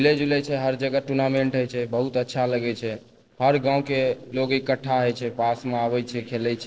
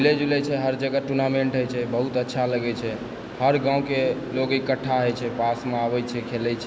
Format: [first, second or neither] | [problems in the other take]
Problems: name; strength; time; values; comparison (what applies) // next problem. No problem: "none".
second | noise reduction (neural separator model SepFormer DNS4)